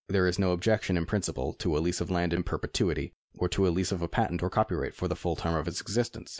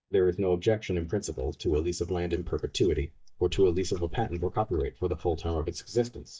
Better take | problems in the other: first | noise reduction (neural mask model DeepFilterNet 3)

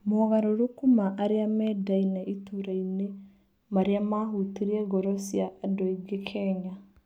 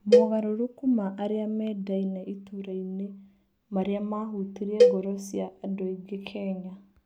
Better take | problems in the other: first | background sound (Cowbell); 4 dB above the speech

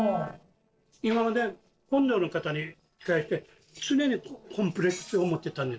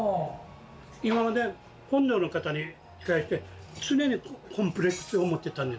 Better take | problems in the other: second | noise reduction (neural separator model SepFormer DNS4)

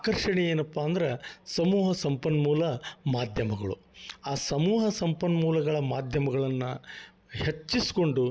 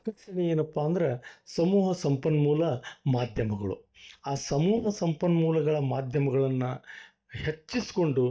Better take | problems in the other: first | noise reduction (neural mask model DeepFilterNet 3)

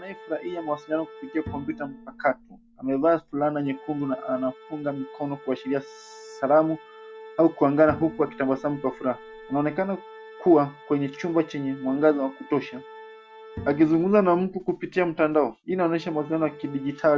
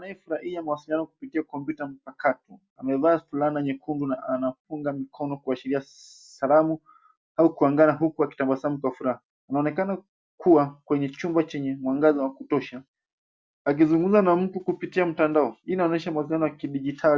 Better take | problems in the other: second | background sound (Bowed string instrument + Organ); 18 dB below the speech

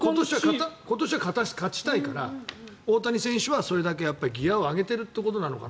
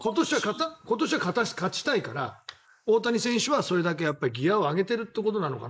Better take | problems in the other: first | noise reduction (neural mask model Resemble Enhance denoiser)

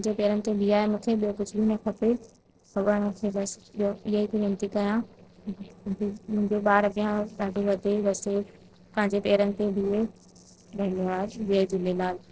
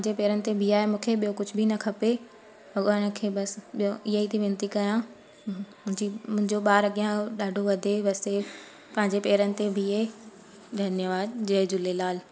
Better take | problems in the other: second | noise reduction (neural separator model SepFormer DNS4)

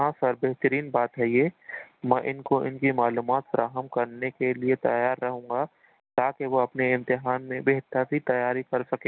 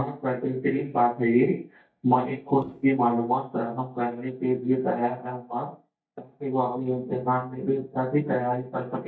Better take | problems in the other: first | noise reduction (neural mask model DeepFilterNet 3)

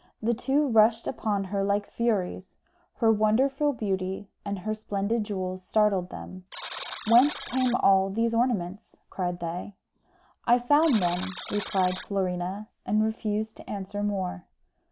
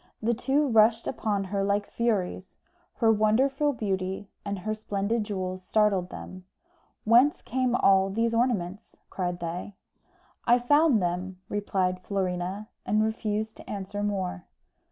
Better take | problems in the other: second | background sound (Alarm); 15 dB below the speech

